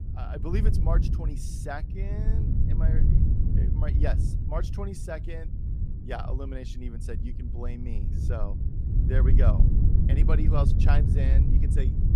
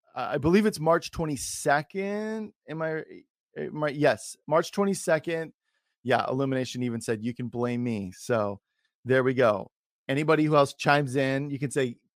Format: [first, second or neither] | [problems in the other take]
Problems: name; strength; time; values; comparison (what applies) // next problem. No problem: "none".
second | wind noise on the microphone; heavy; 3 dB below the speech